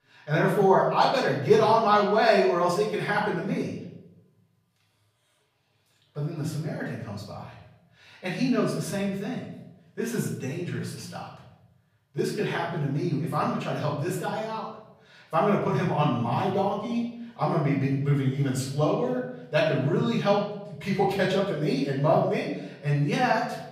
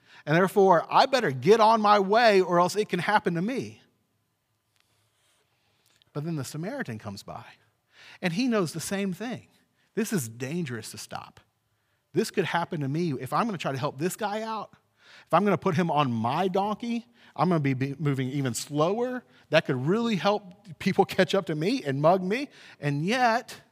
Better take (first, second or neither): second